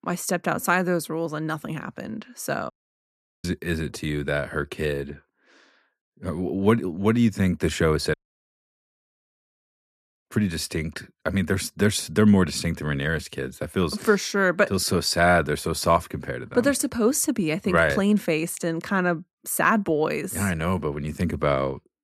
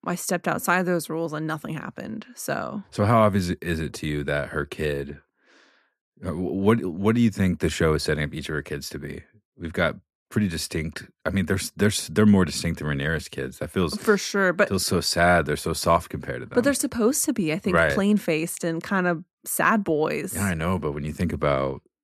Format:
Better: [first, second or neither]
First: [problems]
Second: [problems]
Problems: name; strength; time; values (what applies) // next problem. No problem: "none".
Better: second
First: audio cutting out; at 2.5 s for 0.5 s and at 8 s for 2 s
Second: none